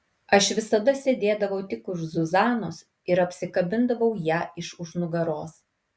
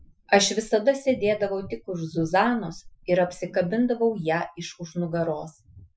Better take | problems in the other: first | noise reduction (classical method Wiener filter)

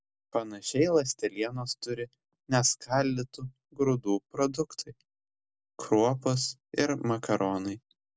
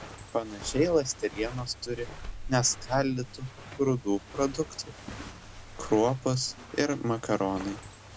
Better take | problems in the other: first | background sound (Walk, footsteps); 13 dB below the speech

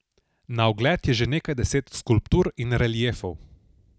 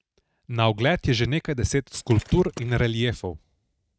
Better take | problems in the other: first | noise reduction (neural mask model RNNoise)

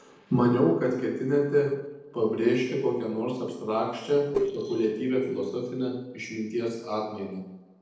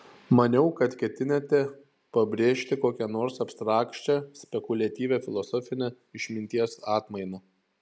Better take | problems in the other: second | noise reduction (neural separator model SepFormer DNS4)

